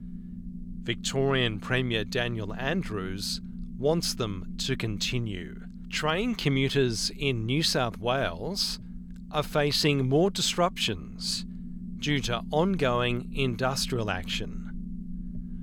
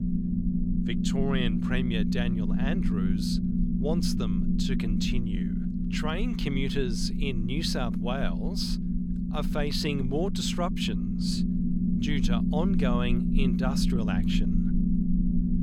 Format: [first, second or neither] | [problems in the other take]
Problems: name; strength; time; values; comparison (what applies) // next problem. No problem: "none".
first | low rumble; loud; throughout; 2 dB below the speech; faint in the first